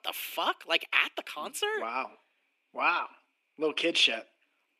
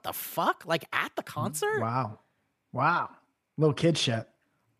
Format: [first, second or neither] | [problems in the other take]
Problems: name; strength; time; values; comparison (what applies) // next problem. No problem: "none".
second | thin; somewhat; fading below 300 Hz